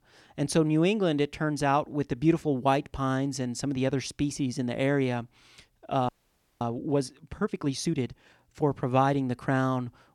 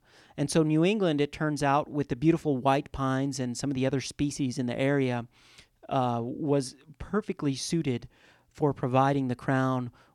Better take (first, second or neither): second